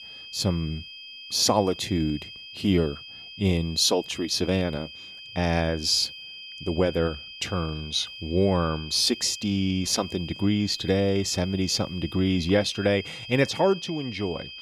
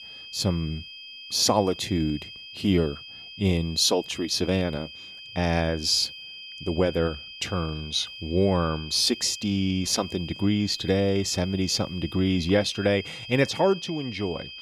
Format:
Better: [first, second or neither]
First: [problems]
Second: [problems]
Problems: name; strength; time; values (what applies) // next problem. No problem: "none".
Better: neither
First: high-pitched whine; noticeable; throughout; 3 kHz, 15 dB below the speech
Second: high-pitched whine; noticeable; throughout; 3 kHz, 15 dB below the speech